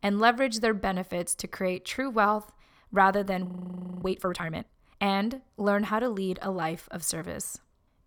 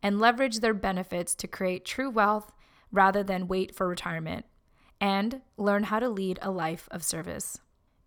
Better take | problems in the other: second | audio freezing; at 3.5 s for 0.5 s

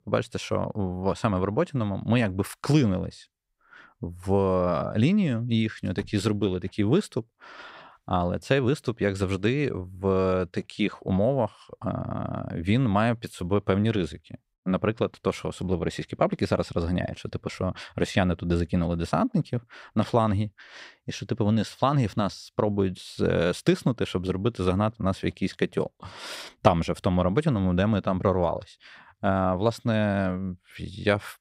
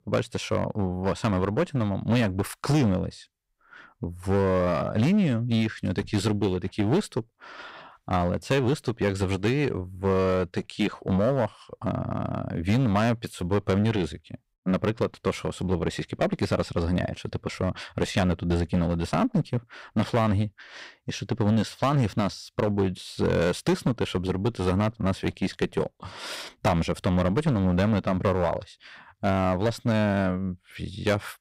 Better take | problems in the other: first | distortion; slight; 7% of the sound clipped

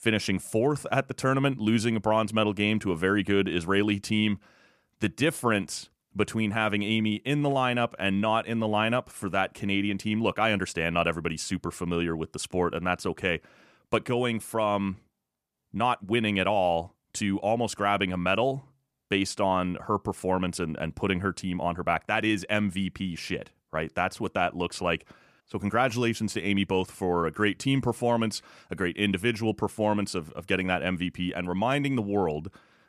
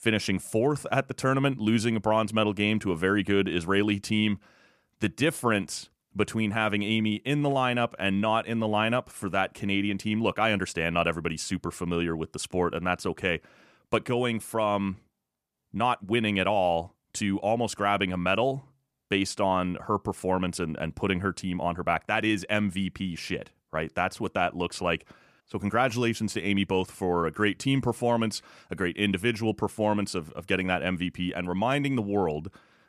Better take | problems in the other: neither | none

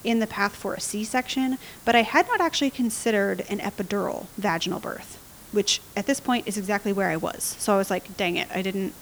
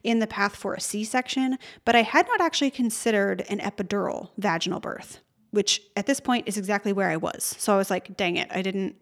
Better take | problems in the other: second | hiss; noticeable; throughout; 20 dB below the speech

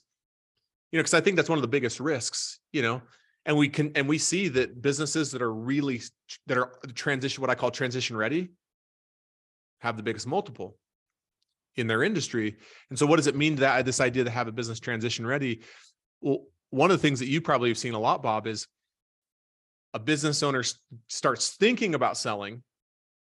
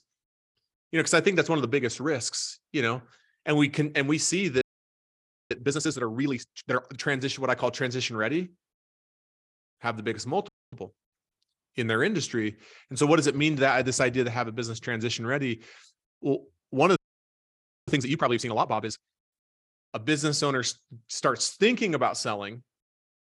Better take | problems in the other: first | audio freezing; at 4.5 s for 1 s, at 10 s and at 17 s for 1 s

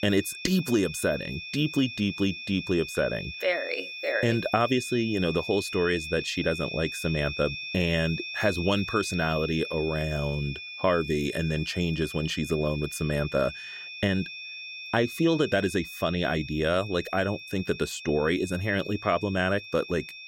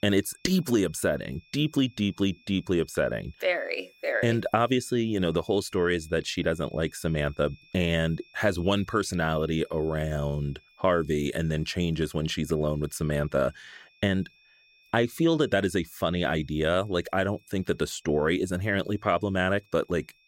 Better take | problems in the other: second | high-pitched whine; loud; throughout; 2.5 kHz, 9 dB below the speech; faint in the second

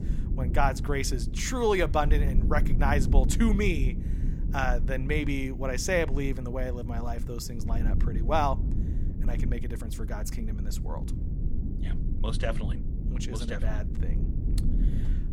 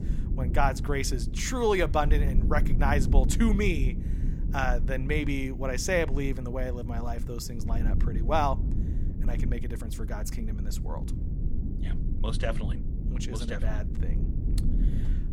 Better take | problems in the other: neither | low rumble; noticeable; throughout; 15 dB below the speech; the same in both

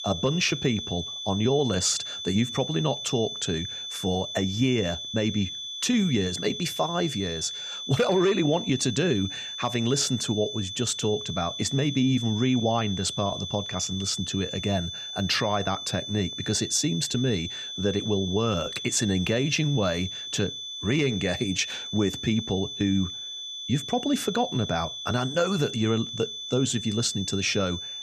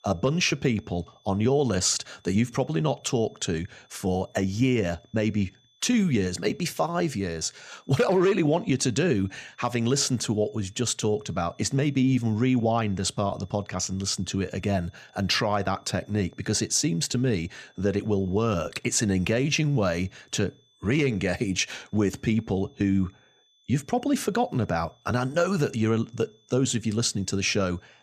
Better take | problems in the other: second | high-pitched whine; loud; throughout; 3.5 kHz, 6 dB below the speech; faint in the second

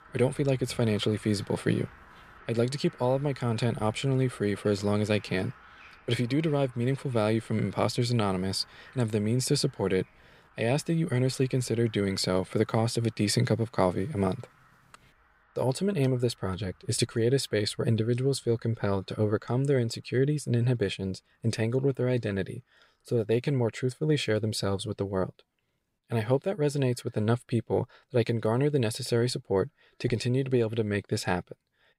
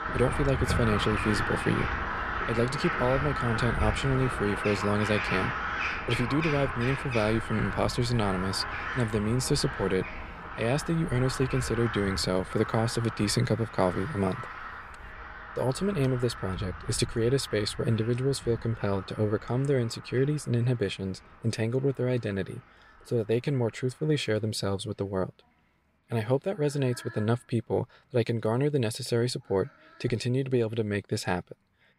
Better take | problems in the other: first | animal sounds; loud; throughout; 5 dB below the speech; faint in the first

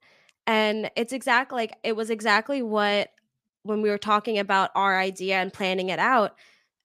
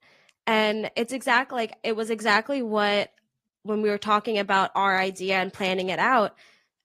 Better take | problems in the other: first | garbled, watery; slightly; nothing above 15 kHz

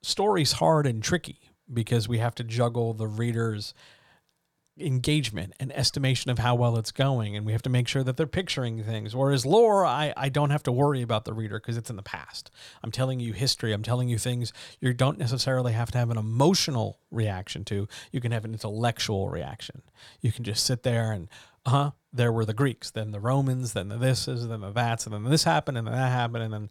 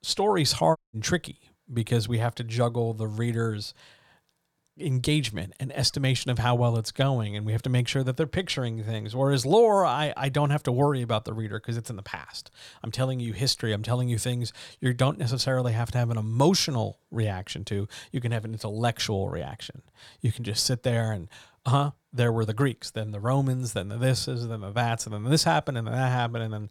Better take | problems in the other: first | audio cutting out; at 1 s

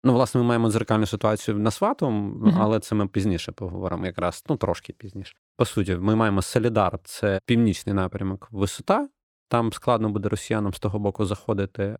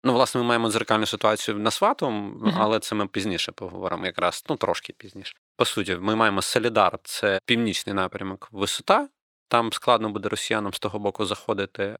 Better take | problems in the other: first | thin; somewhat; fading below 1 kHz

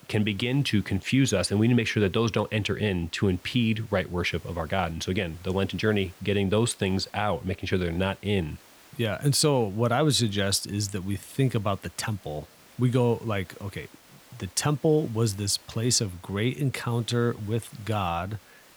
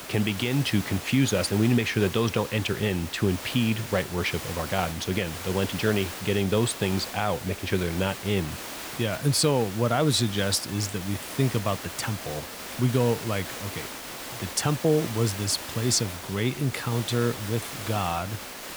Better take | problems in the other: first | hiss; loud; throughout; 9 dB below the speech; faint in the first

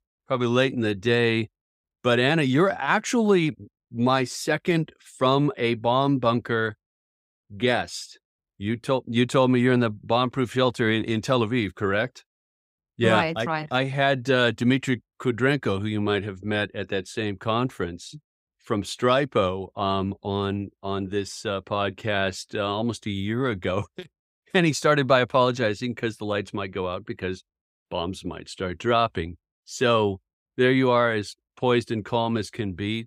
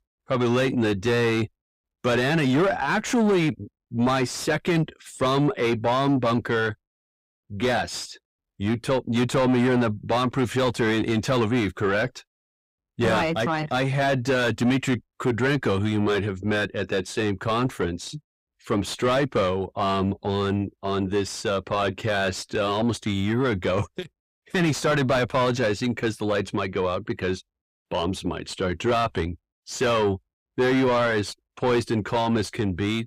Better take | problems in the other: first | distortion; heavy; 7 dB below the speech

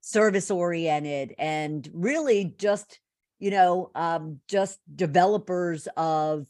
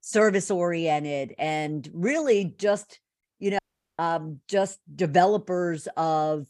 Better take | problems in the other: first | audio cutting out; at 3.5 s

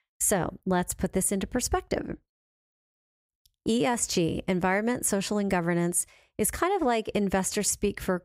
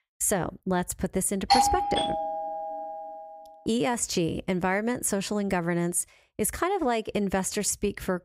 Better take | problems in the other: first | doorbell; loud; from 1.5 to 3 s; peak 6 dB above the speech

